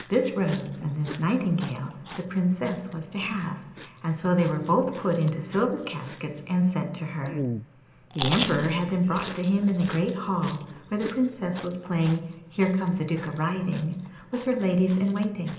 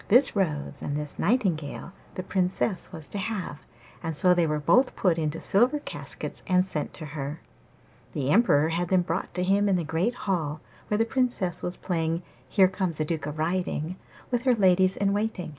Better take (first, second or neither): second